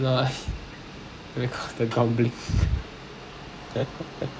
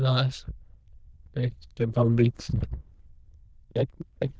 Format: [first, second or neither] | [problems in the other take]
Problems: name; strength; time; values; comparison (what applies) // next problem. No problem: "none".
first | noise reduction (neural diffusion model UNIVERSE++)